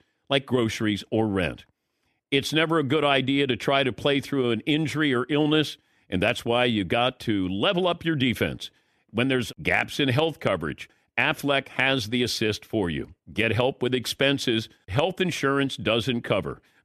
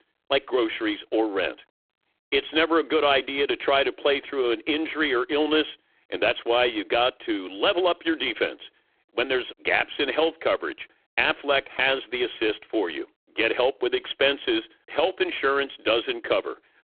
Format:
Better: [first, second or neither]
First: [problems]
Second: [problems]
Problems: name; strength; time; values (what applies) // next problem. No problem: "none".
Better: first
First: none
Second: phone-call audio; poor line